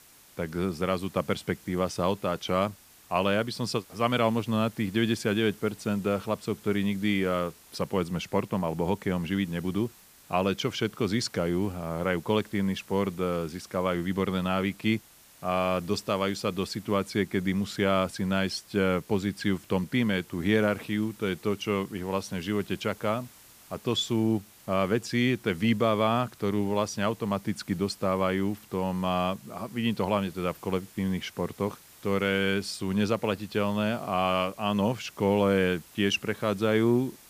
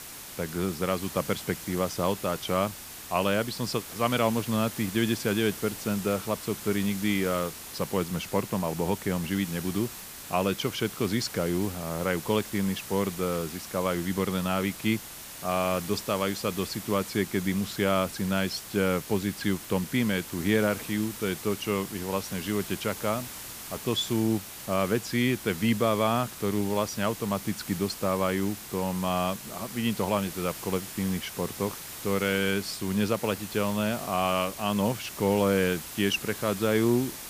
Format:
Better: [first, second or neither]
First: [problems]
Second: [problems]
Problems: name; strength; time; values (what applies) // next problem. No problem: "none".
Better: first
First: hiss; faint; throughout; 25 dB below the speech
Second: hiss; loud; throughout; 10 dB below the speech